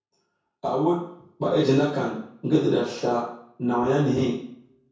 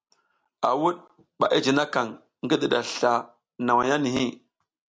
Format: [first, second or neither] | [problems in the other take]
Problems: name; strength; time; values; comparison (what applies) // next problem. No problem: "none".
second | room echo; dies away in 0.6 s